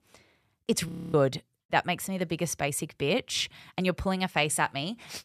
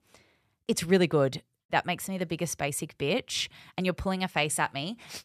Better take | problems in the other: second | audio freezing; at 1 s

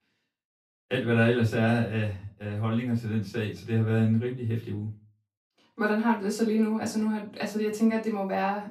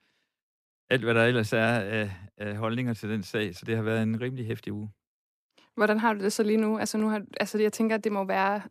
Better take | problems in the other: second | off-mic speech; far // room echo; slight; dies away in 0.3 s

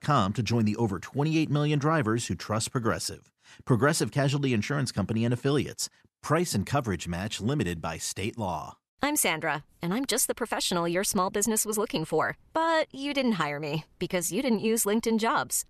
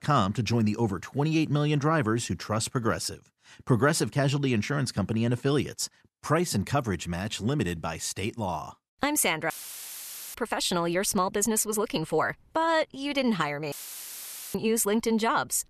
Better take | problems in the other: first | audio cutting out; filled with static; at 9.5 s for 1 s and at 14 s for 1 s

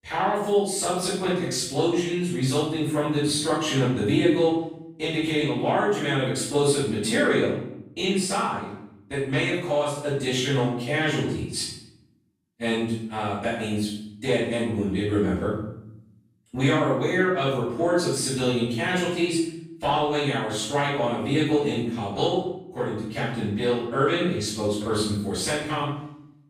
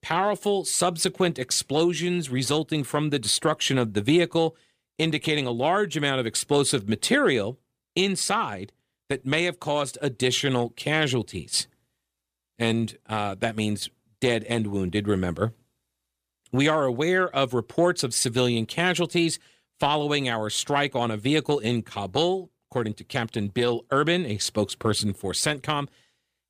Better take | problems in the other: second | off-mic speech; far // room echo; strong; dies away in 0.7 s

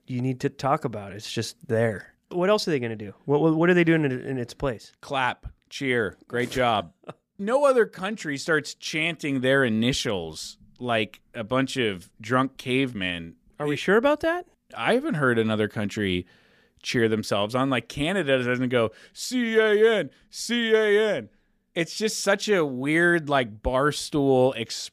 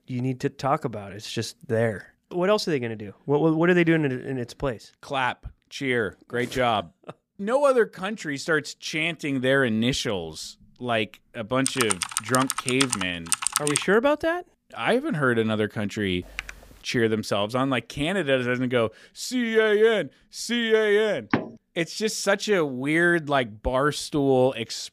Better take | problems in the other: first | keyboard typing; loud; from 12 to 14 s; peak 1 dB above the speech // keyboard typing; faint; at 16 s; peak 10 dB below the speech // door banging; noticeable; at 21 s; peak 4 dB below the speech

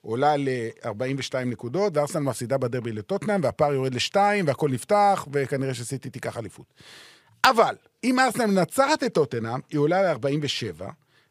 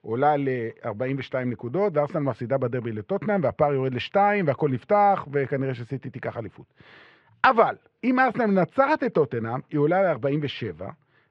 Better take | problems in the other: first | muffled; very; fading above 2.5 kHz

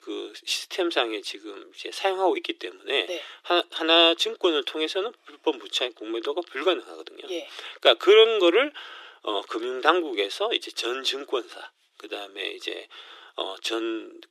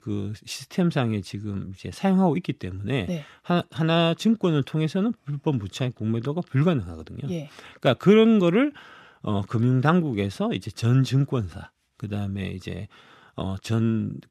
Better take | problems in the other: second | thin; very; fading below 350 Hz

